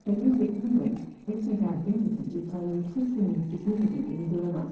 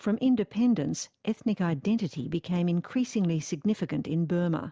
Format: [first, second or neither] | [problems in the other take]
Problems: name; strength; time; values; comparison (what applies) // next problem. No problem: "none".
second | noise reduction (neural separator model SepFormer DNS4)